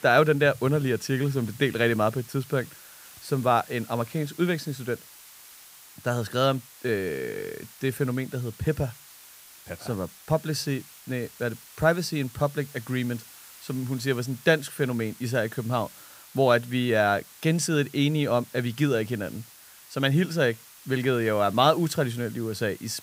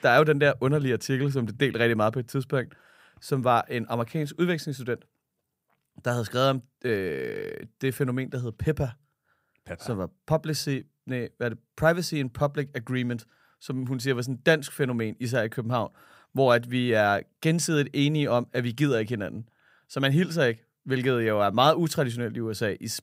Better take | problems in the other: second | hiss; noticeable; throughout; 20 dB below the speech

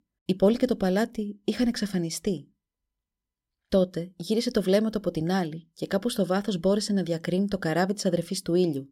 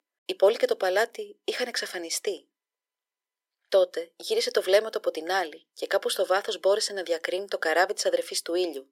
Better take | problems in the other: first | thin; very; fading below 400 Hz

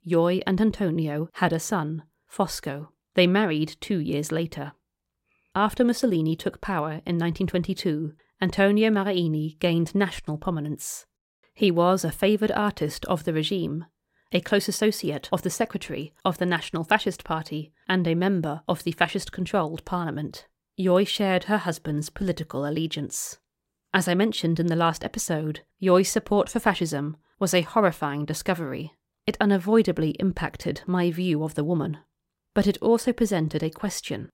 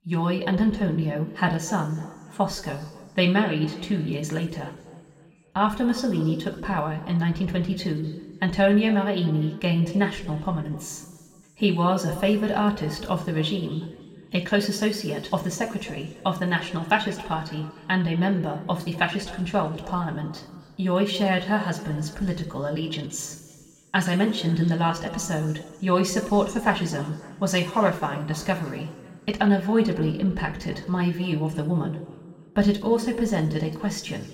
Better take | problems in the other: first | room echo; slight; dies away in 1.9 s // off-mic speech; somewhat distant

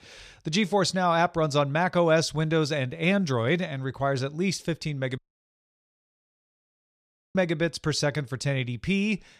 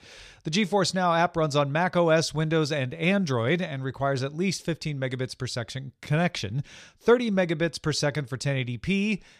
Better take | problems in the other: second | audio cutting out; at 5 s for 2 s

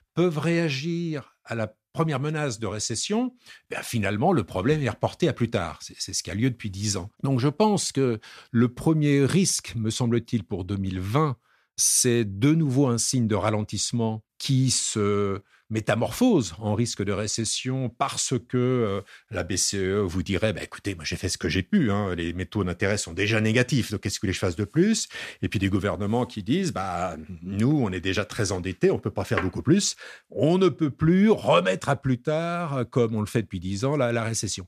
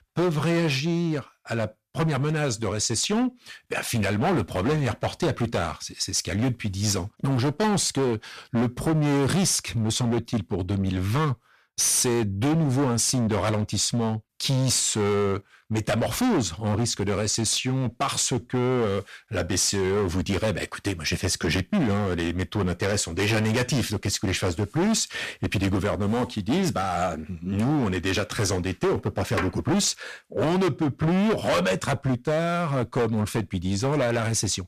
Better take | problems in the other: first | distortion; heavy; 18% of the sound clipped

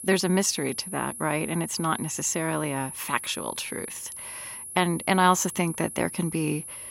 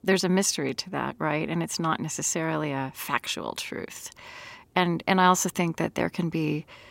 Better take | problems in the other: second | high-pitched whine; loud; throughout; 10.5 kHz, 9 dB below the speech

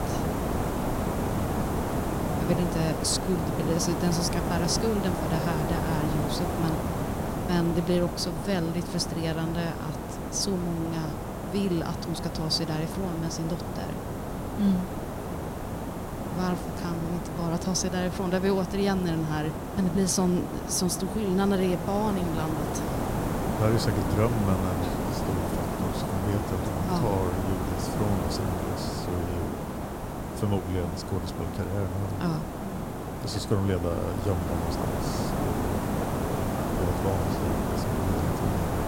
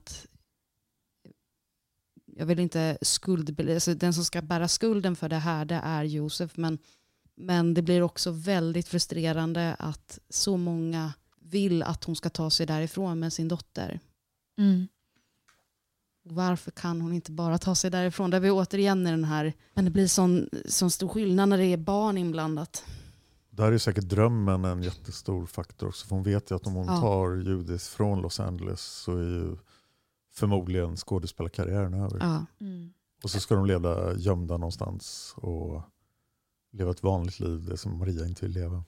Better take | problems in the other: second | hiss; loud; throughout; 2 dB below the speech

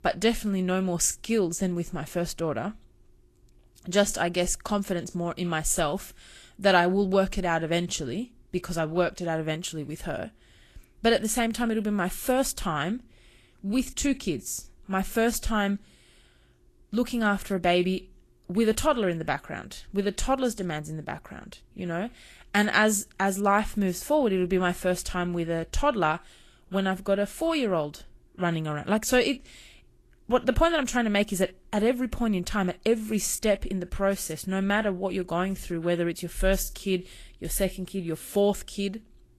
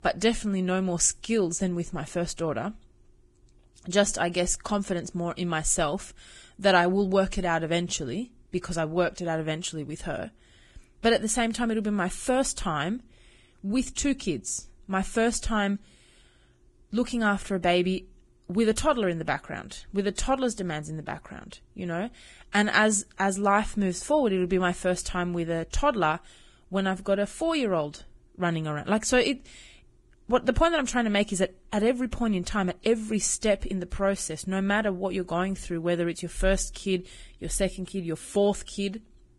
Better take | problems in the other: first | garbled, watery; badly; nothing above 10 kHz; slightly in the first

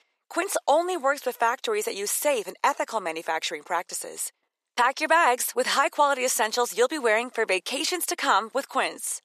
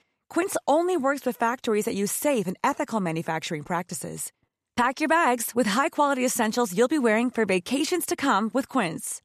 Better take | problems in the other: second | thin; very; fading below 450 Hz

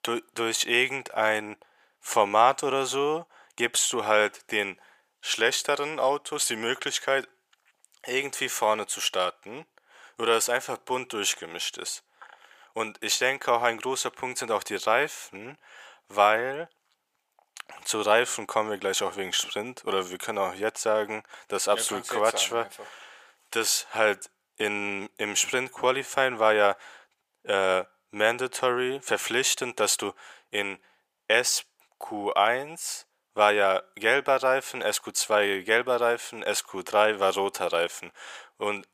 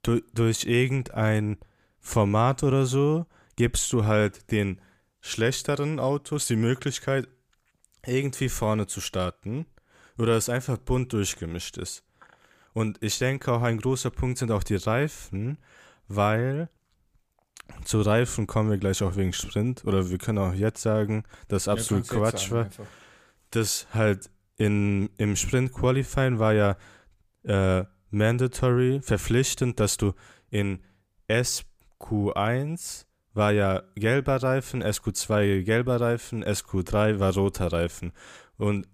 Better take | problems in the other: second | thin; very; fading below 600 Hz

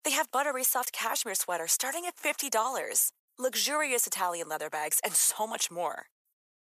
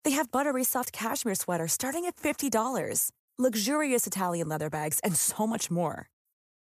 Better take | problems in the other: second | thin; somewhat; fading below 650 Hz

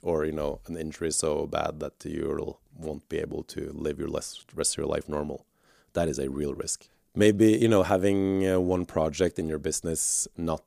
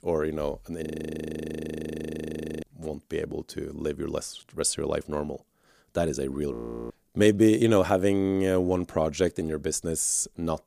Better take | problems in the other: first | audio freezing; at 1 s for 2 s and at 6.5 s

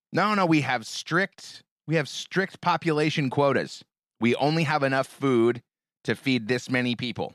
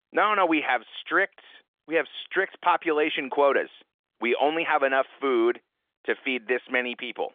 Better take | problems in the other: first | phone-call audio; nothing above 3.5 kHz

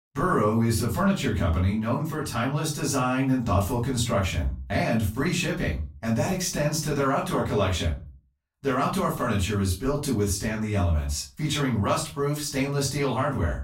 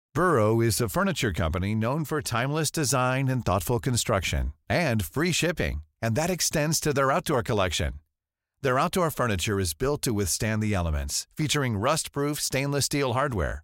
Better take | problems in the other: second | off-mic speech; far // room echo; slight; dies away in 0.3 s

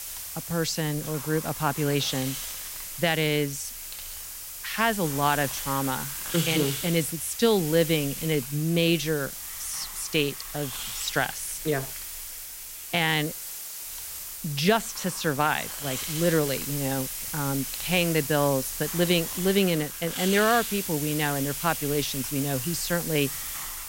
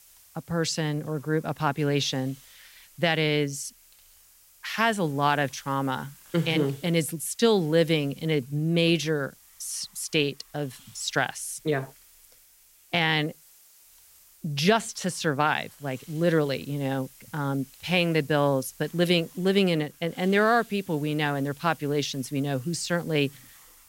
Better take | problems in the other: second | hiss; loud; throughout; 6 dB below the speech; faint in the second

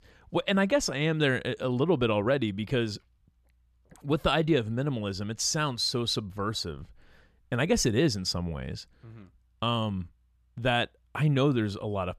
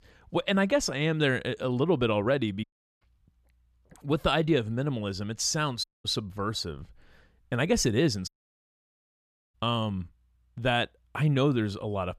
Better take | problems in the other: first | audio cutting out; at 2.5 s, at 6 s and at 8.5 s for 1.5 s

